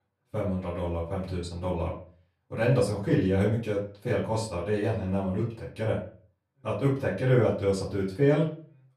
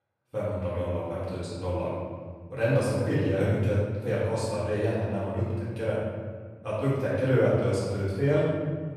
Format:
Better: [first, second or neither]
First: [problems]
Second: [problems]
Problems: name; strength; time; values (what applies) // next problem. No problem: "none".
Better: first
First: room echo; slight; dies away in 0.4 s // off-mic speech; far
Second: room echo; strong; dies away in 1.6 s // off-mic speech; far